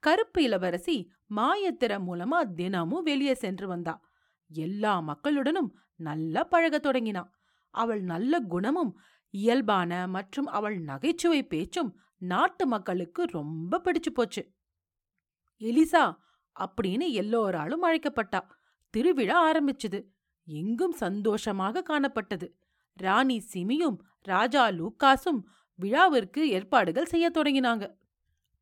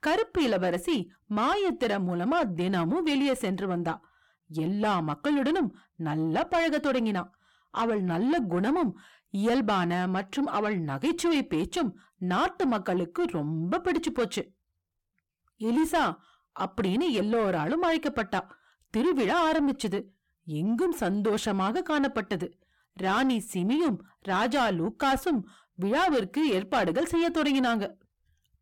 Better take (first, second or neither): first